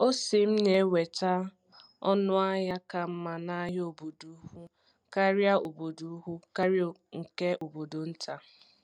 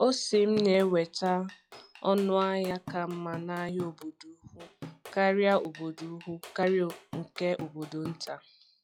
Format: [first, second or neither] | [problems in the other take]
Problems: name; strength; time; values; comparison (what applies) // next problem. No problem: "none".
first | noise reduction (classical method log-MMSE)